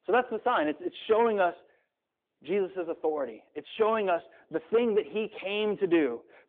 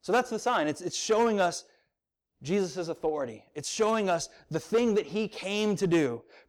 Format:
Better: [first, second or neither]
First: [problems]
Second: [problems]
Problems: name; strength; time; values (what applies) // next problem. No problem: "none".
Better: second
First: phone-call audio; nothing above 3.5 kHz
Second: none